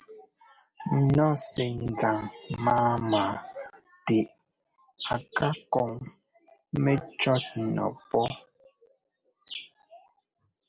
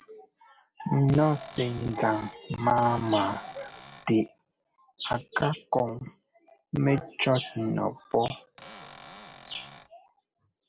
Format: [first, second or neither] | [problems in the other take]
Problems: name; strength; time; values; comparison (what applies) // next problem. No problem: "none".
first | background sound (Cupboard open or close / Door); 19 dB below the speech